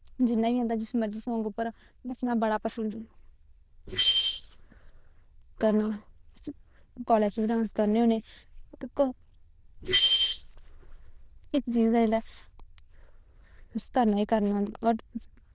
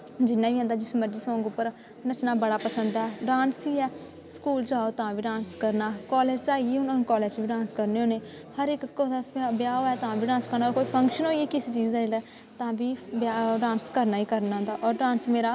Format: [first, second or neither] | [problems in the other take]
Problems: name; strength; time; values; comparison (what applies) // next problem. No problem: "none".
second | noise reduction (neural diffusion model UNIVERSE++)